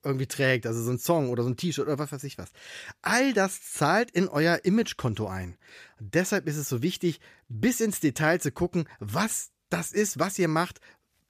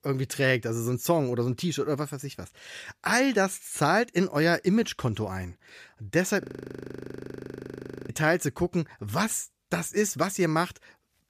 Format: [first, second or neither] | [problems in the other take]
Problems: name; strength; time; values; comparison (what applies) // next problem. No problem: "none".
first | audio freezing; at 6.5 s for 1.5 s